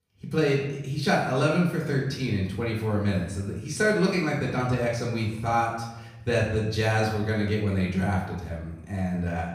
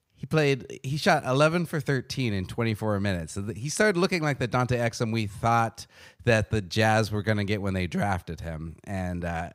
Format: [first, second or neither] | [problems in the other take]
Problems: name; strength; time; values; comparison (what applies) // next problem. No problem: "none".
second | off-mic speech; far // room echo; noticeable; dies away in 0.8 s